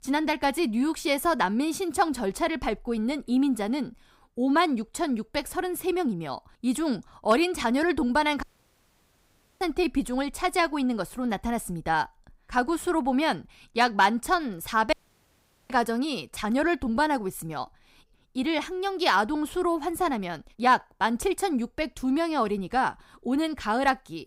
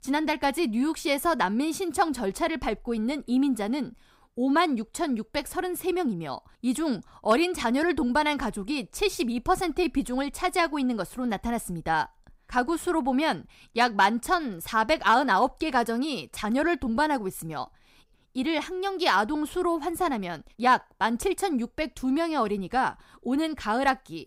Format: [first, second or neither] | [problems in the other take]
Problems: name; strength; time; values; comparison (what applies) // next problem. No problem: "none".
second | audio cutting out; at 8.5 s for 1 s and at 15 s for 1 s